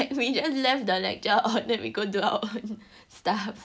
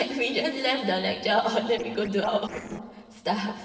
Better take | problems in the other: first | noise reduction (neural separator model SepFormer DNS4)

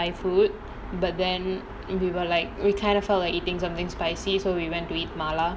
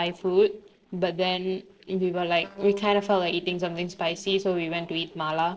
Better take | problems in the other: first | noise reduction (neural separator model SepFormer DNS4)

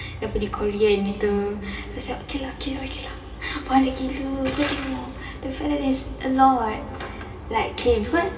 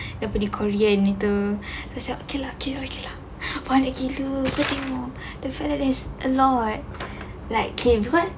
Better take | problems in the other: second | room echo; dies away in 2.3 s

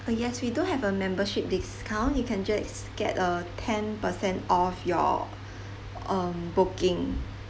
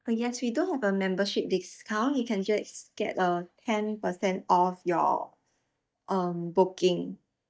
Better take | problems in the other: first | noise reduction (neural mask model DeepFilterNet 3)

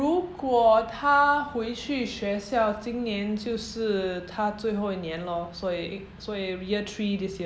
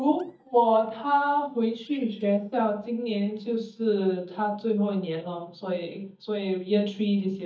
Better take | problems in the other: first | noise reduction (neural mask model DeepFilterNet 3)

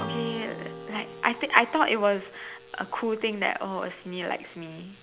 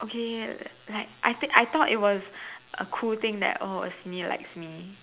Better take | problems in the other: second | background sound (Strum); 13 dB below the speech

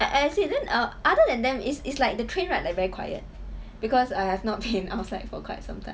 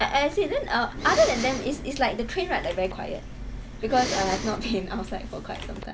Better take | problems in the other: first | background sound (Respiratory sounds); 9 dB below the speech

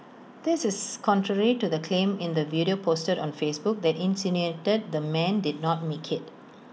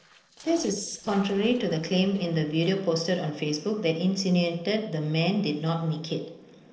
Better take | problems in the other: first | noise reduction (neural separator model SepFormer DNS4)

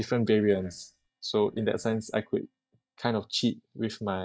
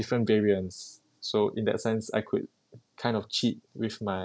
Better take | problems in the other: second | noise reduction (neural mask model DeepFilterNet 3)

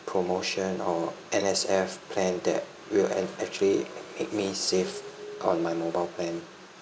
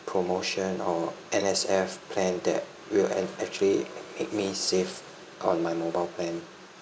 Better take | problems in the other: second | background sound (Glass); 17 dB below the speech

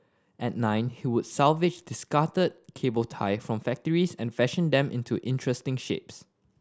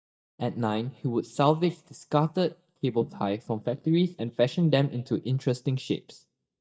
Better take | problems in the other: first | noise reduction (neural mask model DeepFilterNet 3)

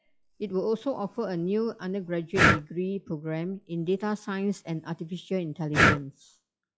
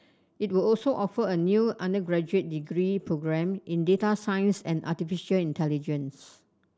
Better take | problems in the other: second | noise reduction (classical method log-MMSE)

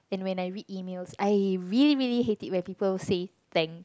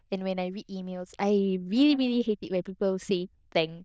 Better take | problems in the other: first | noise reduction (neural diffusion model UNIVERSE++)

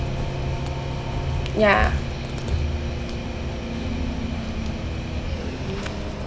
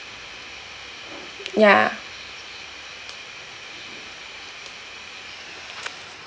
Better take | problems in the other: second | background sound (Bus); 4 dB above the speech

